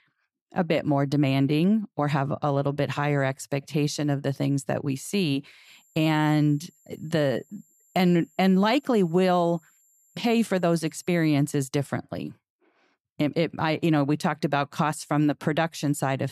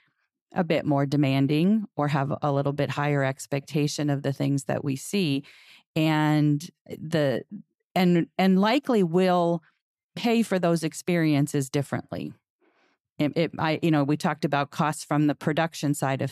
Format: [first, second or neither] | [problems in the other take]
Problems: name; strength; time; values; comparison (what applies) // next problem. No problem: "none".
second | high-pitched whine; faint; from 5.5 to 11 s; 7.5 kHz, 35 dB below the speech